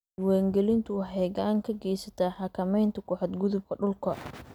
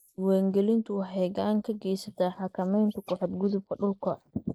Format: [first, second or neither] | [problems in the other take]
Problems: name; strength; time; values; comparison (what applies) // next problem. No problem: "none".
first | noise reduction (neural mask model Resemble Enhance denoiser)